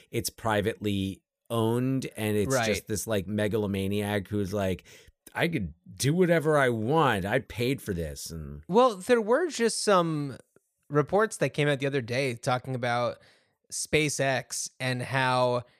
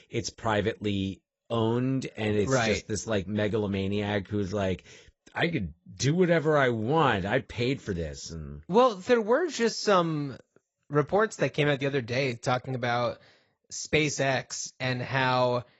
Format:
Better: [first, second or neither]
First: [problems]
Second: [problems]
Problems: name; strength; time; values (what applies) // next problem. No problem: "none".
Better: first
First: none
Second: garbled, watery; badly; nothing above 7.5 kHz